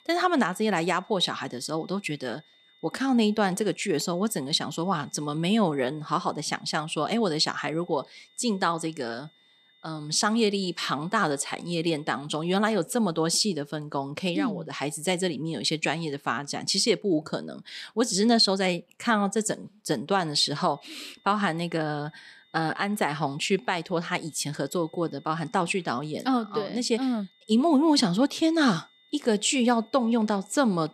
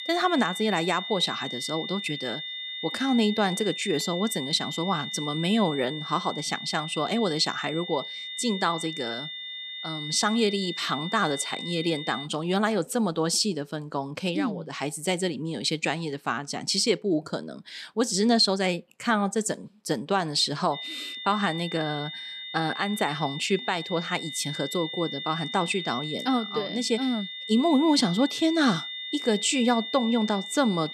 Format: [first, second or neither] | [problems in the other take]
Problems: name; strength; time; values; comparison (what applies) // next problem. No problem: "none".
first | high-pitched whine; loud; until 12 s and from 21 s on; 3.5 kHz, 7 dB below the speech; faint in the first